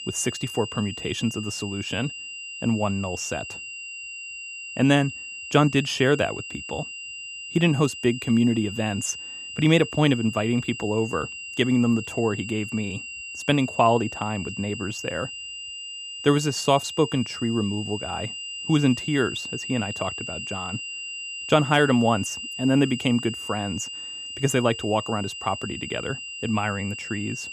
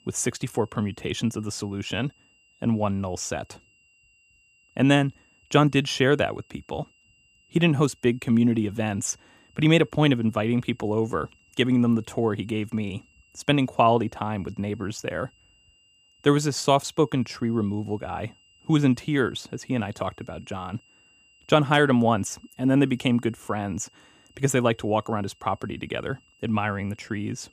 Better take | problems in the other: second | high-pitched whine; loud; throughout; 3 kHz, 8 dB below the speech; faint in the second

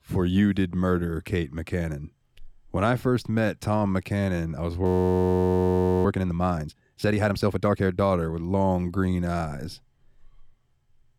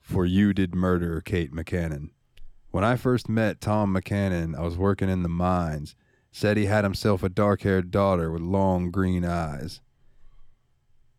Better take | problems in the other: second | audio freezing; at 5 s for 1 s

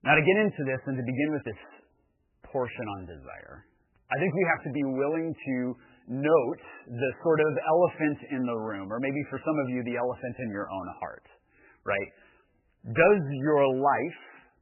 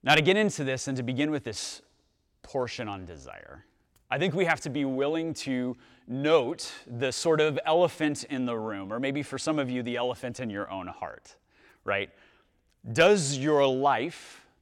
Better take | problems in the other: second | garbled, watery; badly; nothing above 3 kHz

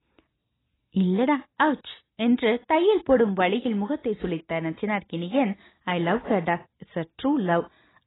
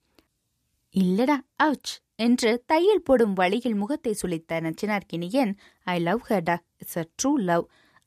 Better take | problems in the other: second | garbled, watery; badly; nothing above 4 kHz

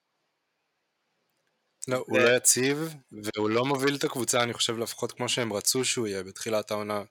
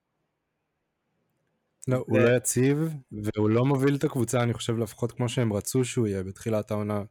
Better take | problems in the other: second | thin; somewhat; fading below 800 Hz

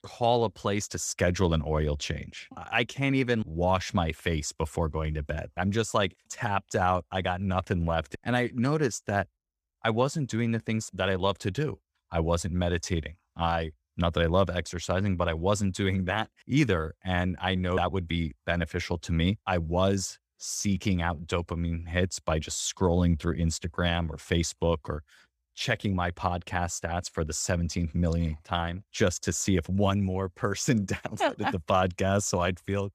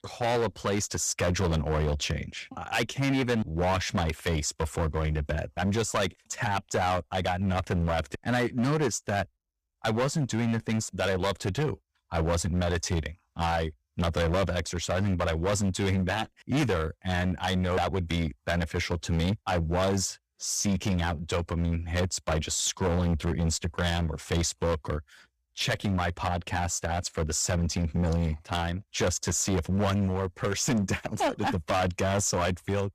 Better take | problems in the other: first | distortion; heavy; 13% of the sound clipped

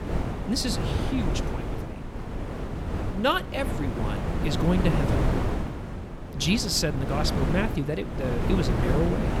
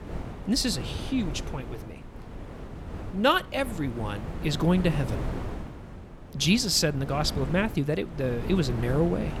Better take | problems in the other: second | wind noise on the microphone; heavy; 4 dB below the speech; occasional gusts in the second

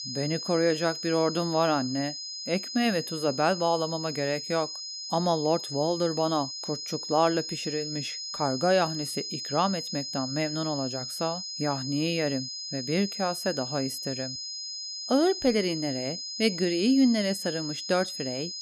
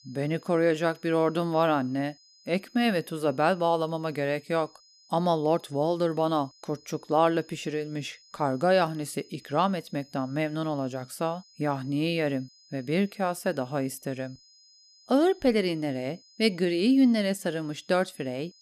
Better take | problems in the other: second | high-pitched whine; loud; throughout; 5 kHz, 6 dB below the speech; faint in the second

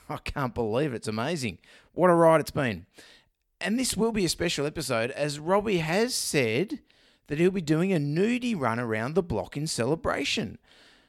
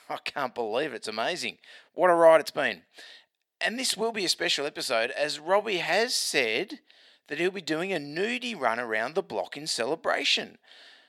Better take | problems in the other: first | thin; somewhat; fading below 350 Hz

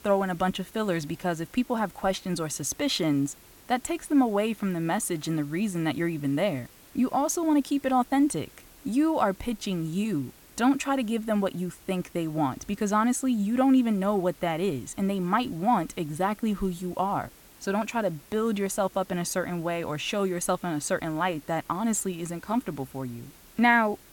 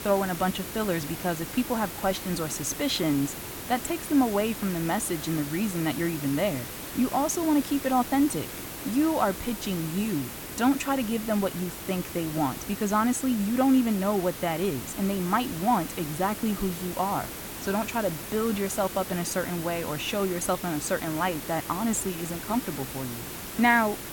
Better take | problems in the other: first | hiss; loud; throughout; 8 dB below the speech; faint in the first

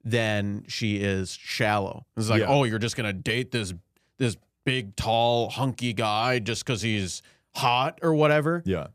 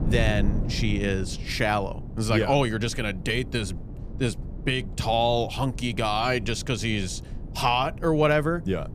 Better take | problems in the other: first | wind noise on the microphone; occasional gusts; 20 dB below the speech

